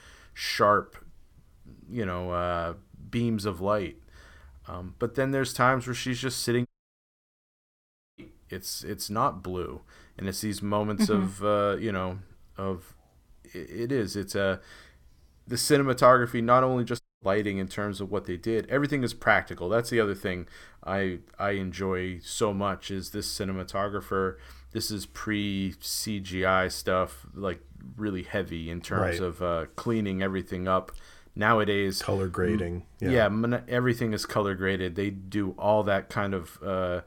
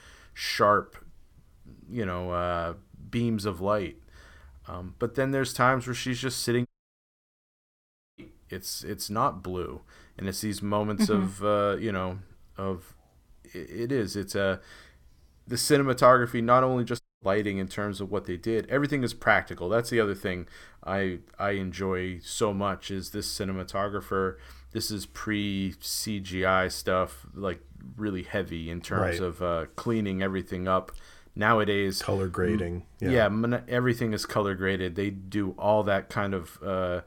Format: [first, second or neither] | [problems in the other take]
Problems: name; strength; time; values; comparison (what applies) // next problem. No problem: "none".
neither | audio cutting out; at 6.5 s for 1.5 s and at 17 s; the same in both